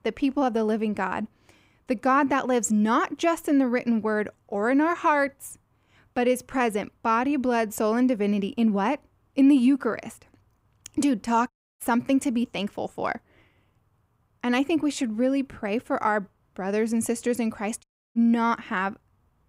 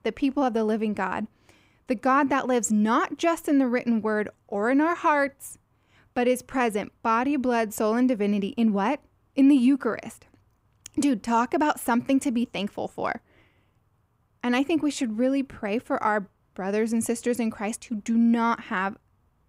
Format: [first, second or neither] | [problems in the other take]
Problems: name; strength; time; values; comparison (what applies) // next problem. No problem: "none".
second | audio cutting out; at 12 s and at 18 s